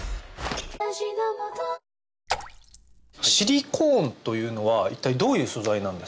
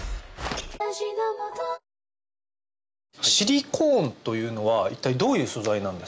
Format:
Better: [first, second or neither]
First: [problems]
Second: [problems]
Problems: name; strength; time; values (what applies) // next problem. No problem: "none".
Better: second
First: background sound (Raindrop / Splash, splatter); 10 dB below the speech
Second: none